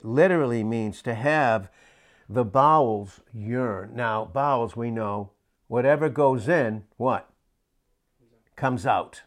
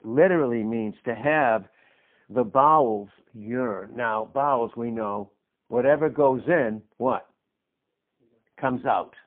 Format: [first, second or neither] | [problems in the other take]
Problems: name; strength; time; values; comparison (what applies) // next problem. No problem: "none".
first | phone-call audio; poor line